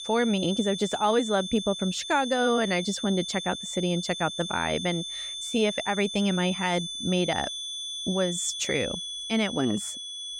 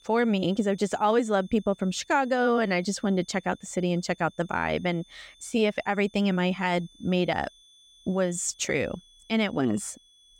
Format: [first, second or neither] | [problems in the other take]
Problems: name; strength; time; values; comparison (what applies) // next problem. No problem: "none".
second | high-pitched whine; loud; throughout; 3.5 kHz, 6 dB below the speech; faint in the second